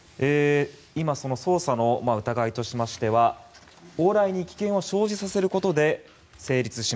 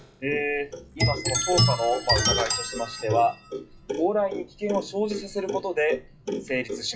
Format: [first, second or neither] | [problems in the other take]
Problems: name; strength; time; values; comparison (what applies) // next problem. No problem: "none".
first | noise reduction (classical method WPE with log-MMSE)